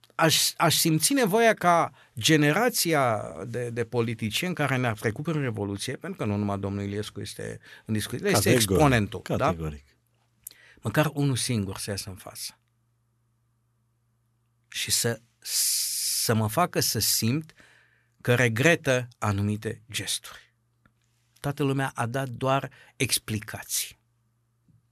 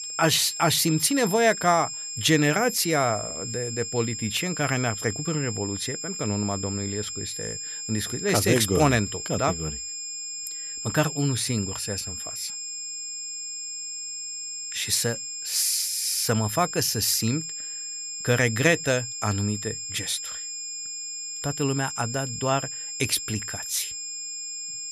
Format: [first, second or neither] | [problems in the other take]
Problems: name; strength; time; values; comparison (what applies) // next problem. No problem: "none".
first | high-pitched whine; loud; throughout; 7.5 kHz, 6 dB below the speech